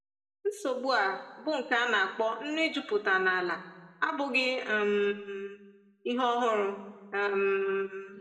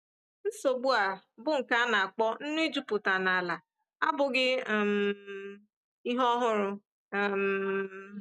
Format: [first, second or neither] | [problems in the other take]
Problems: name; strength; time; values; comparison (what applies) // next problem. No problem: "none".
second | room echo; dies away in 1.1 s